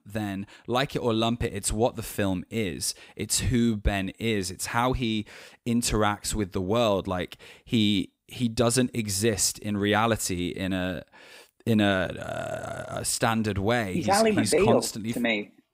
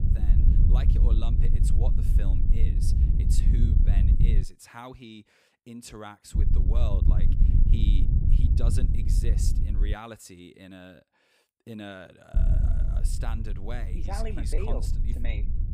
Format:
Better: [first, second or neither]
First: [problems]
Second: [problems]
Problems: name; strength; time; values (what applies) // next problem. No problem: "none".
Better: first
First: none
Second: wind noise on the microphone; heavy; until 4.5 s, from 6.5 to 10 s and from 12 s on; 1 dB below the speech